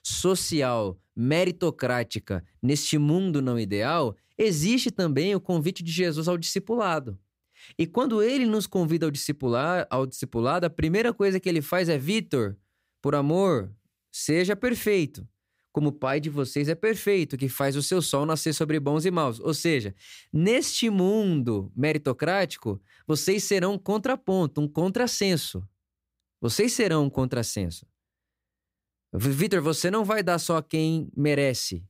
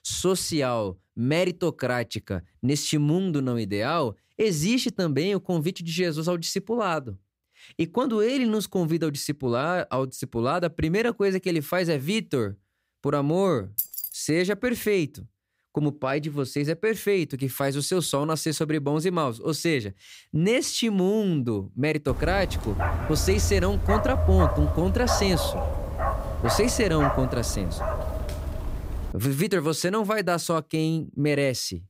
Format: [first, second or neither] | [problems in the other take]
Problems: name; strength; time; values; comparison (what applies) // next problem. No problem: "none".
first | jangling keys; noticeable; at 14 s; peak 2 dB below the speech // dog barking; loud; from 22 to 29 s; peak 3 dB above the speech